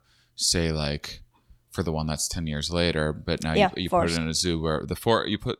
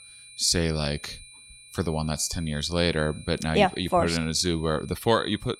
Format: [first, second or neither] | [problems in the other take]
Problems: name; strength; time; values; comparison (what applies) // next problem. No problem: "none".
first | high-pitched whine; faint; throughout; 4 kHz, 20 dB below the speech